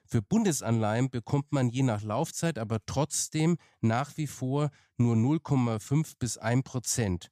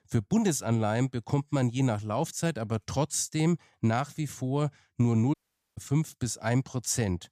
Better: first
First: none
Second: audio cutting out; at 5.5 s

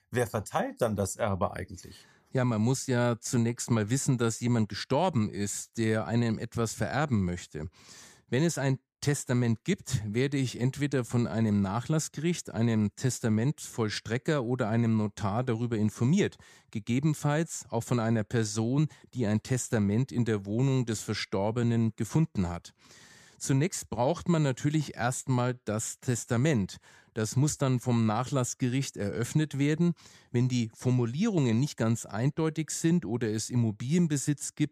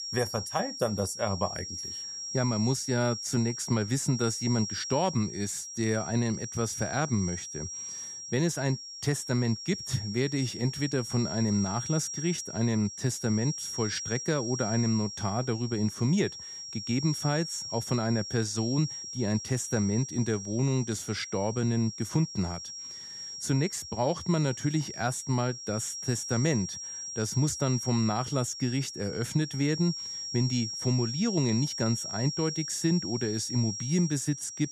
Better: first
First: none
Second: high-pitched whine; loud; throughout; 5.5 kHz, 6 dB below the speech

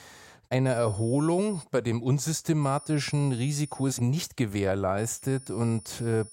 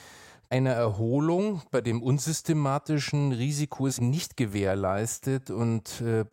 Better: second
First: high-pitched whine; noticeable; at 0.5 s, from 2.5 to 4 s and from 5 s on; 9.5 kHz, 15 dB below the speech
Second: none

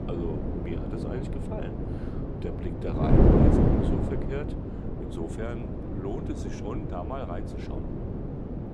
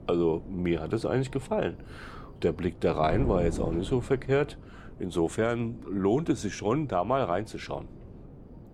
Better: second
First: wind noise on the microphone; heavy; 5 dB above the speech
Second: wind noise on the microphone; occasional gusts; 20 dB below the speech

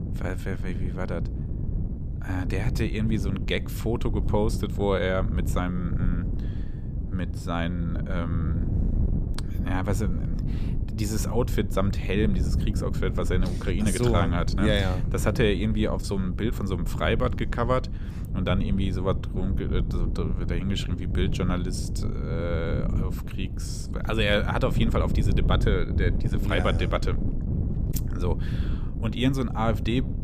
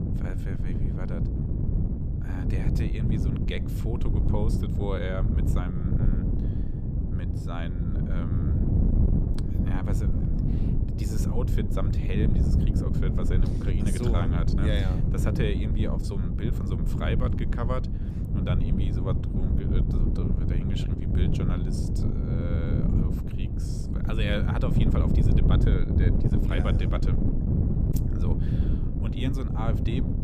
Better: first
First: wind noise on the microphone; occasional gusts; 10 dB below the speech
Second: wind noise on the microphone; heavy; as loud as the speech

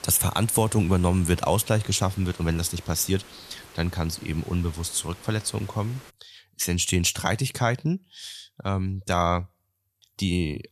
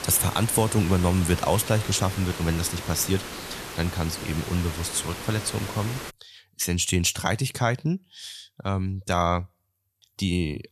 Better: first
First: hiss; faint; until 6 s; 20 dB below the speech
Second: hiss; loud; until 6 s; 9 dB below the speech

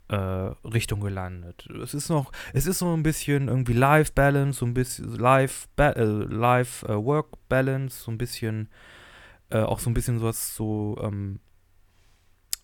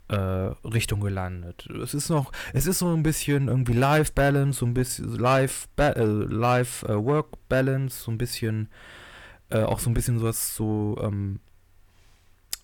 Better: first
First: none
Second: distortion; slight; 10 dB below the speech

